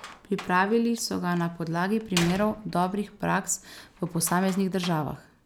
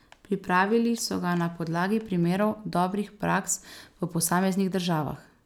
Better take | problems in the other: second | background sound (Slam); 15 dB below the speech

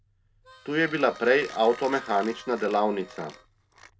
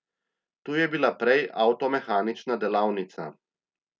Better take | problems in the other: second | background sound (Mechanisms + Harmonica); 19 dB below the speech

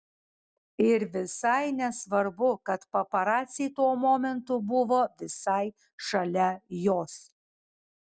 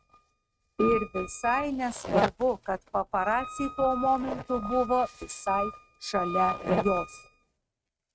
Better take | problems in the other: first | noise reduction (neural mask model RNNoise)

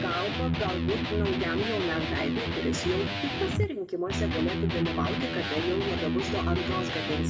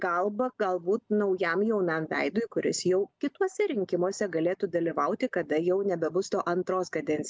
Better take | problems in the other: second | background sound (Electric guitar); 2 dB above the speech // room echo; dies away in 0.3 s

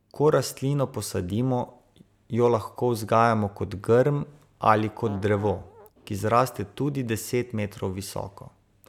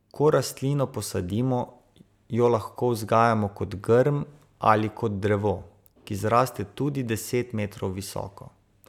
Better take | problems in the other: second | background sound (Fart); 17 dB below the speech

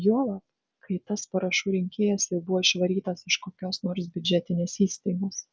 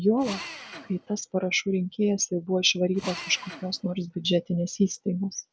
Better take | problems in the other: first | background sound (Drill); 16 dB below the speech

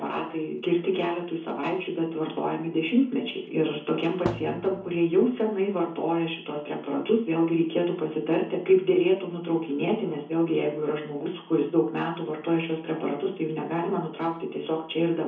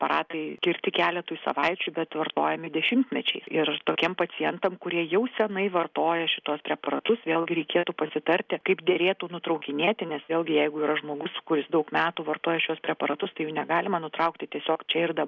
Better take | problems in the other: second | background sound (Thump, thud); 11 dB below the speech // room echo; dies away in 0.6 s

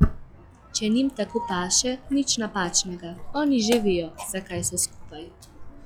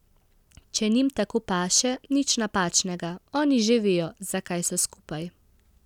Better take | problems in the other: second | noise reduction (classical method log-MMSE)

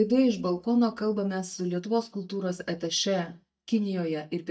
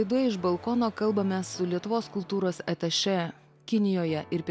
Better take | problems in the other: second | noise reduction (neural mask model DeepFilterNet 3)

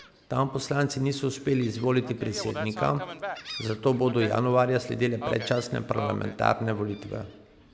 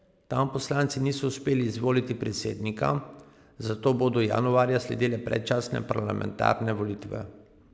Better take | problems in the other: second | background sound (Gull, seagull); 13 dB below the speech

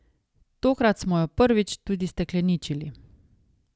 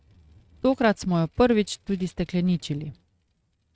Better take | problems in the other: first | noise reduction (neural mask model RNNoise)

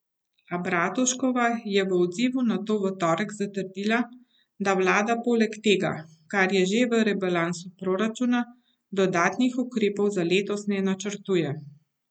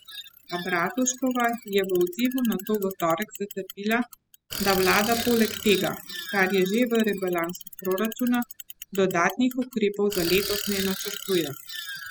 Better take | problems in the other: first | noise reduction (classical method spectral subtraction)

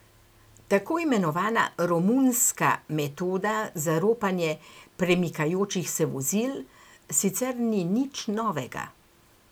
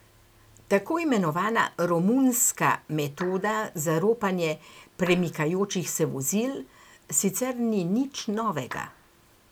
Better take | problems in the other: first | background sound (Clapping); 18 dB below the speech

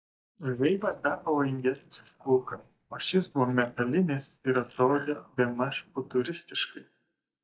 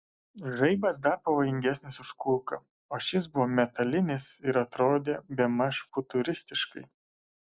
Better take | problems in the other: second | noise reduction (neural mask model DeepFilterNet 3)

